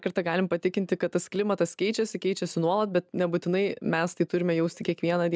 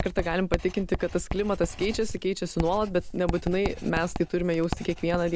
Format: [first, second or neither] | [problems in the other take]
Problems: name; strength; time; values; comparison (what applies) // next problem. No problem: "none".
first | background sound (Writing); 7 dB below the speech